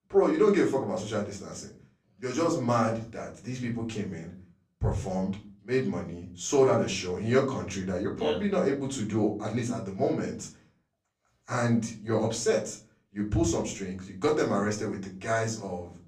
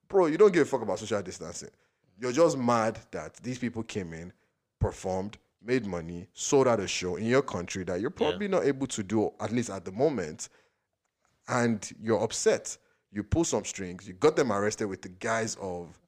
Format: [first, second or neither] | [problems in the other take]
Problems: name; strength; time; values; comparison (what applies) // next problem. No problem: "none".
second | off-mic speech; far // room echo; slight; dies away in 0.4 s